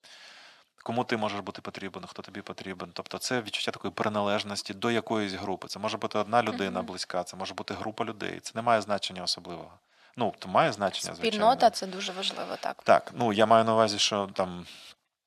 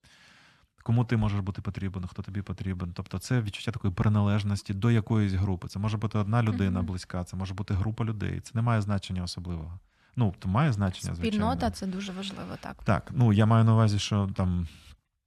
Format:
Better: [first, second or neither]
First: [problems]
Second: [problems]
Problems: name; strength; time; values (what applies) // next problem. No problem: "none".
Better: second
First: thin; very; fading below 400 Hz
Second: none